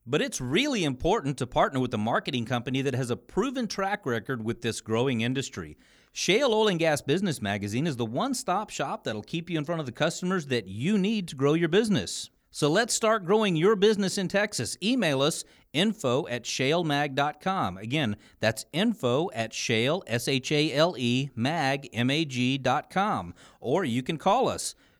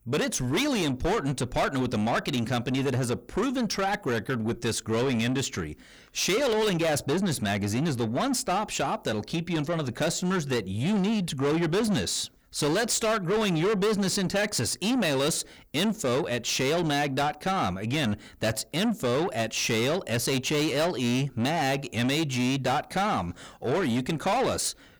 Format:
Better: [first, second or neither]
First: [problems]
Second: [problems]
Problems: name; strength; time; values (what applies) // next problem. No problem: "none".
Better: first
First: none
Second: distortion; heavy; 7 dB below the speech